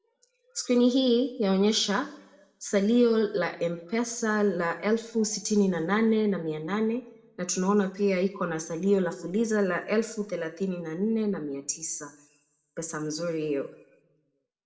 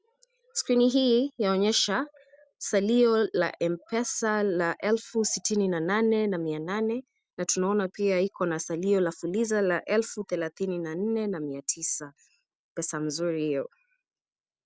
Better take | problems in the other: second | room echo; dies away in 0.6 s

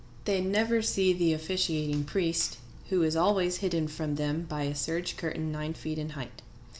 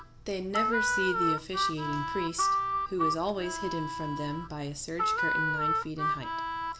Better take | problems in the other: first | background sound (Harmonica); 3 dB above the speech

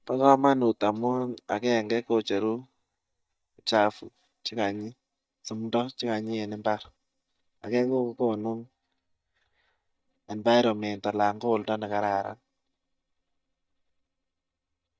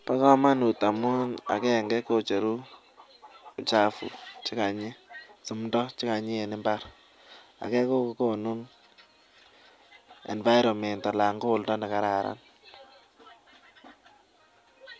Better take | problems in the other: second | noise reduction (neural mask model DeepFilterNet 3)

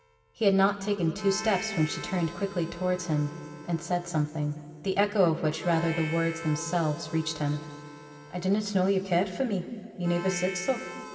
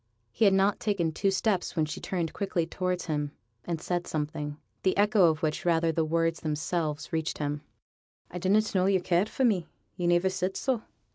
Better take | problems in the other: second | background sound (Harmonica); 15 dB below the speech // room echo; dies away in 2.4 s

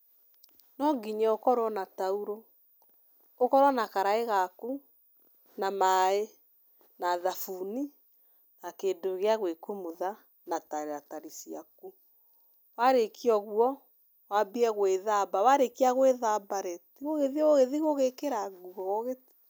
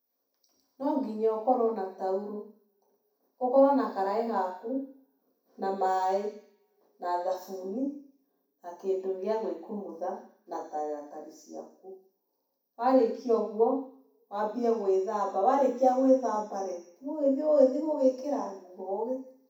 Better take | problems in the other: first | room echo; dies away in 0.6 s

